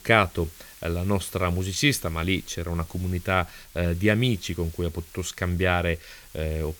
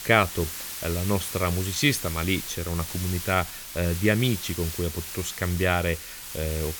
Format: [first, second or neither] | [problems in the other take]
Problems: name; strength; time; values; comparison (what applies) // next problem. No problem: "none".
first | hiss; loud; throughout; 7 dB below the speech; faint in the first